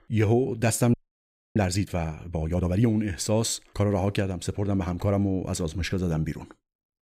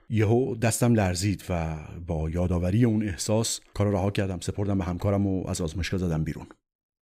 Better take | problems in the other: second | audio freezing; at 1 s for 0.5 s

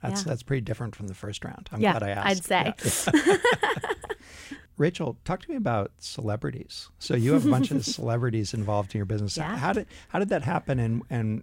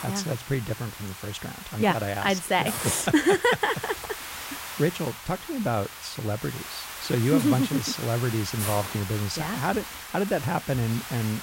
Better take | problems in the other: first | hiss; loud; throughout; 9 dB below the speech

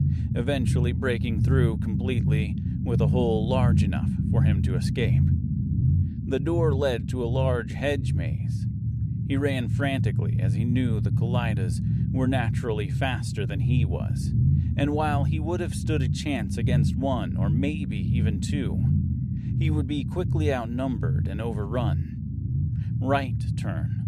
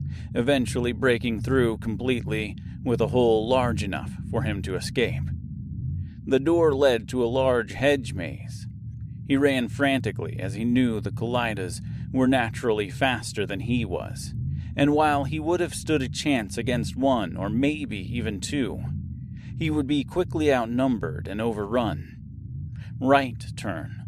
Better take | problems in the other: second | low rumble; loud; throughout; 6 dB below the speech; faint in the second

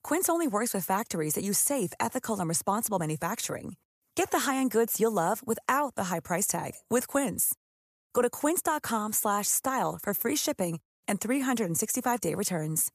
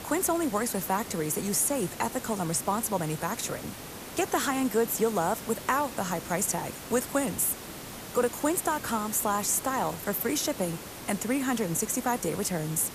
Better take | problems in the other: first | hiss; noticeable; throughout; 10 dB below the speech

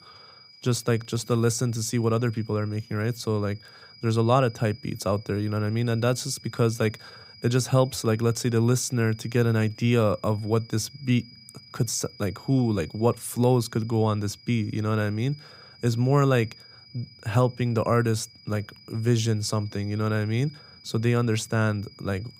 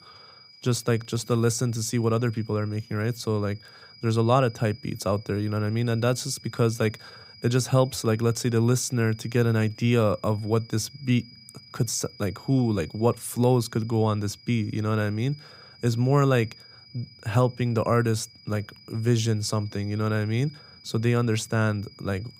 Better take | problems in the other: neither | high-pitched whine; faint; throughout; 5 kHz, 20 dB below the speech; the same in both

